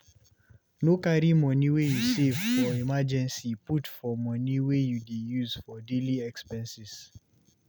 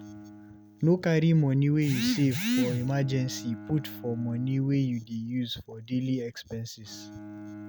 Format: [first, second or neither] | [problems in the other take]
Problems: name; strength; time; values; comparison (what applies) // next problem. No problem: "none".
first | background sound (Bowed string instrument); 19 dB below the speech